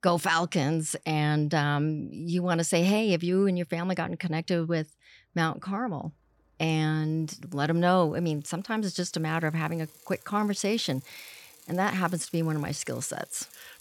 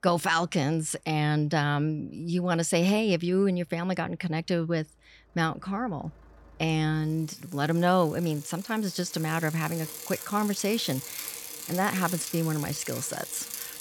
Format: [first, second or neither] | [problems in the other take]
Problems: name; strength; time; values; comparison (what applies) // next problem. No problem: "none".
first | traffic noise; loud; throughout; 10 dB below the speech; faint in the first